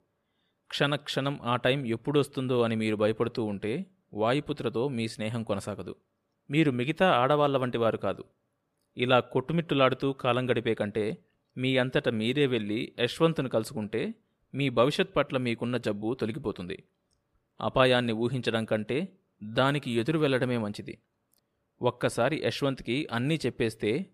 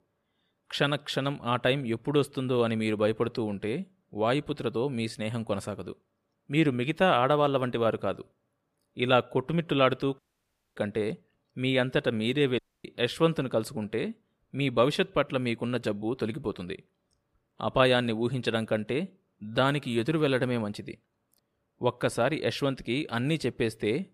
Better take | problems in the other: first | audio cutting out; at 10 s for 0.5 s and at 13 s

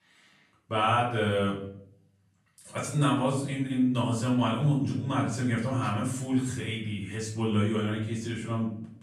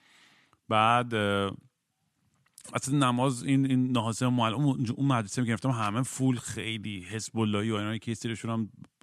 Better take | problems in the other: second | off-mic speech; far // room echo; noticeable; dies away in 0.6 s

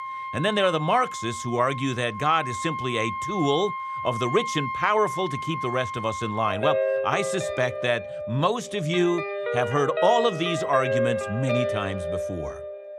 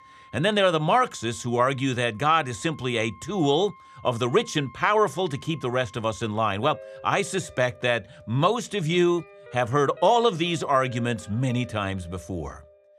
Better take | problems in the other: second | background music; loud; throughout; 4 dB below the speech; faint in the second

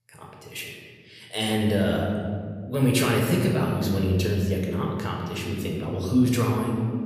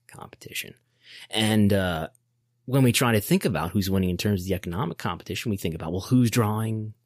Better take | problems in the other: second | room echo; noticeable; dies away in 1.8 s // off-mic speech; somewhat distant

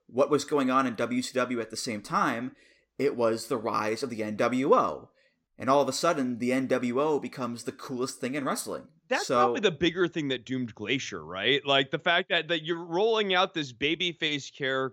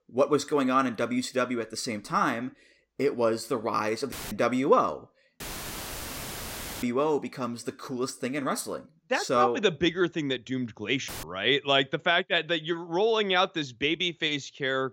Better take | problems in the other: first | audio cutting out; filled with static; at 4 s, at 5.5 s for 1.5 s and at 11 s

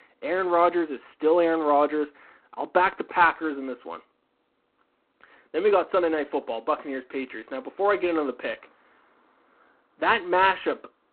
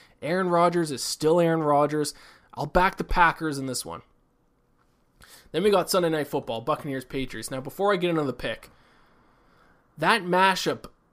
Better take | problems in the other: second | phone-call audio; poor line; nothing above 4 kHz

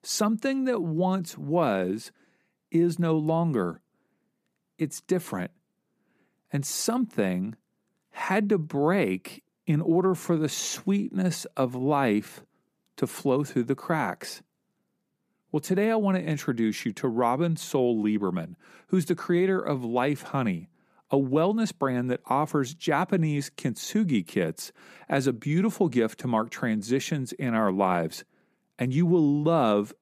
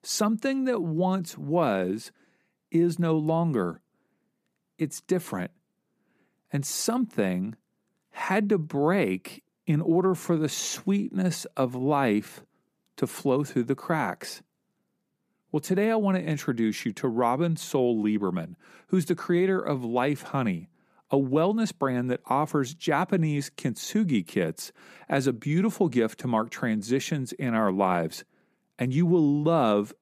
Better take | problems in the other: neither | none

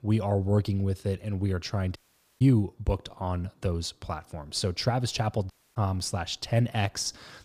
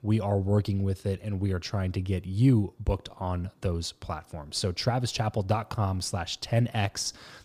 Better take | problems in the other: second | audio cutting out; at 2 s and at 5.5 s

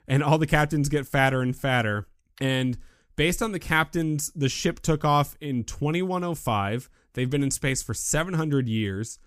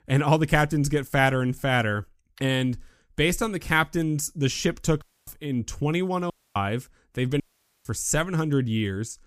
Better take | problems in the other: first | audio cutting out; at 5 s, at 6.5 s and at 7.5 s

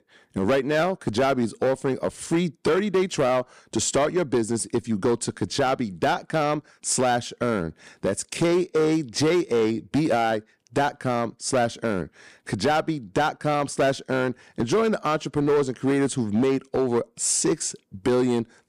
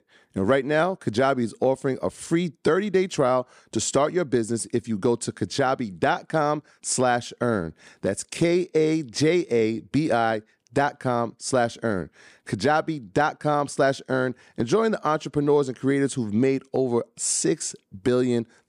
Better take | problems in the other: second | distortion; slight; 9% of the sound clipped

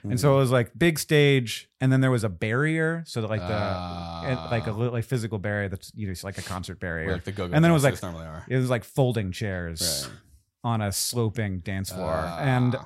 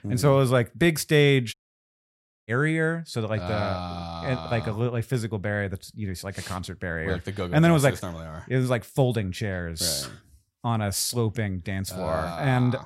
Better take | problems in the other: first | audio cutting out; at 1.5 s for 1 s

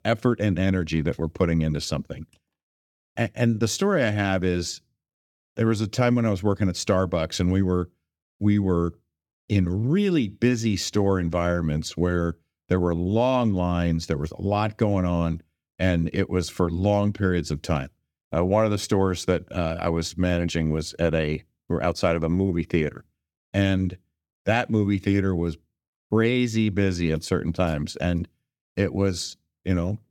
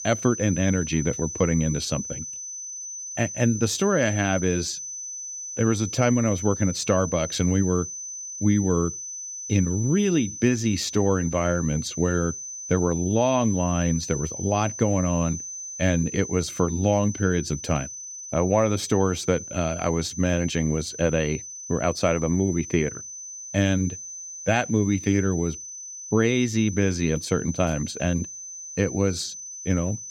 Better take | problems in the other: first | high-pitched whine; loud; throughout; 6 kHz, 9 dB below the speech

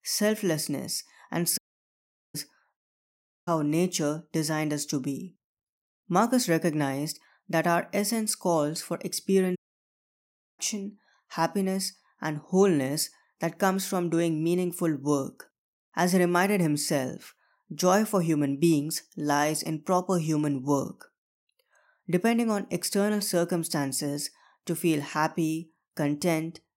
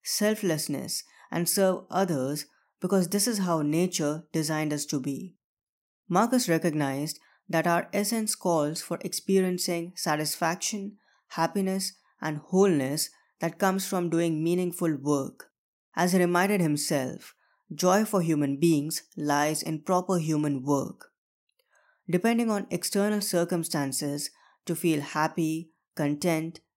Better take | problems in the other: second | audio cutting out; at 1.5 s for 1 s, at 3 s for 0.5 s and at 9.5 s for 1 s

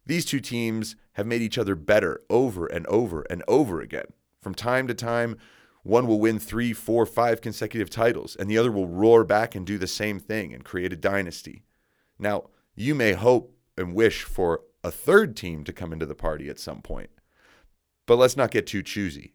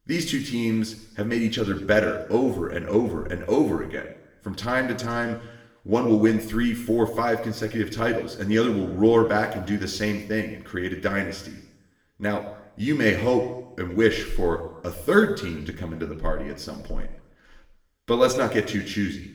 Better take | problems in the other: first | room echo; slight; dies away in 0.9 s // off-mic speech; somewhat distant

